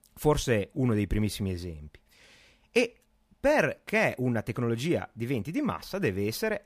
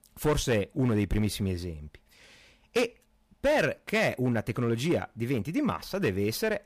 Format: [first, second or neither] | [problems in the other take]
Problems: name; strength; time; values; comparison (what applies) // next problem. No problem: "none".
first | distortion; slight; 5% of the sound clipped